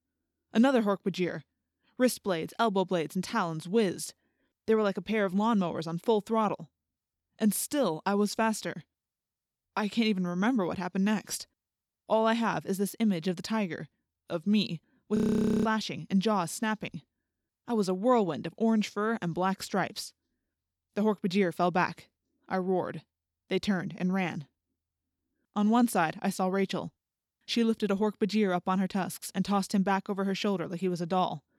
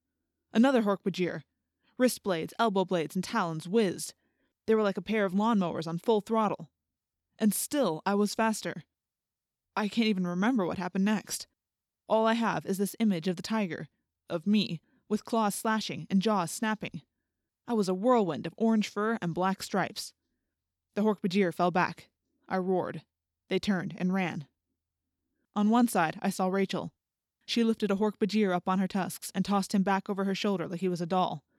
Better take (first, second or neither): second